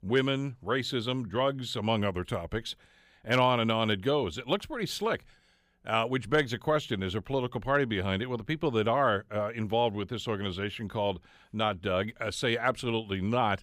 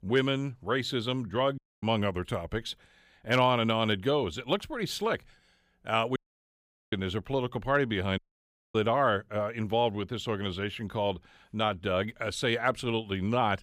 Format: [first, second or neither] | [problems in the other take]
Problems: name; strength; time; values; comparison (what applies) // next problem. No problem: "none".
first | audio cutting out; at 1.5 s, at 6 s for 1 s and at 8 s for 0.5 s